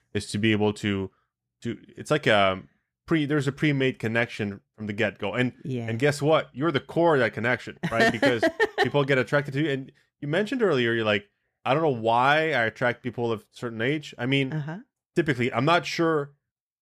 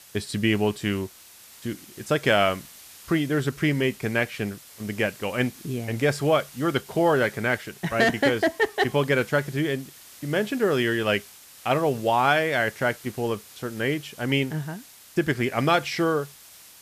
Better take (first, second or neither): first